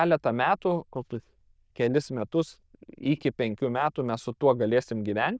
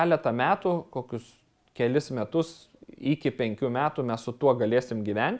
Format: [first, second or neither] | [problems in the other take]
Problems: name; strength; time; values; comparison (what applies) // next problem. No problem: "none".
second | noise reduction (neural diffusion model UNIVERSE++)